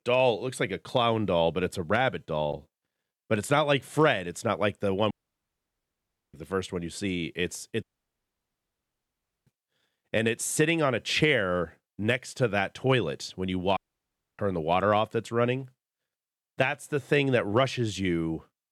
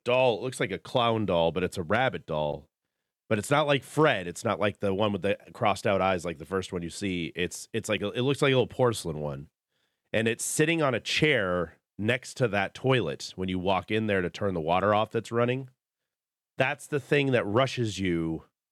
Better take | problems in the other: second | audio cutting out; at 5 s for 1 s, at 8 s for 1.5 s and at 14 s for 0.5 s

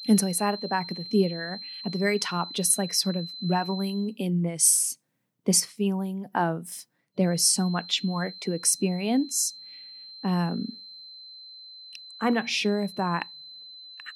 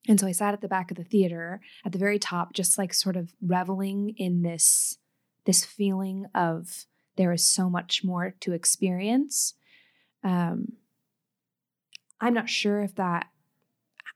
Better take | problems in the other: second | high-pitched whine; noticeable; until 4 s and from 7.5 s on; 4 kHz, 15 dB below the speech

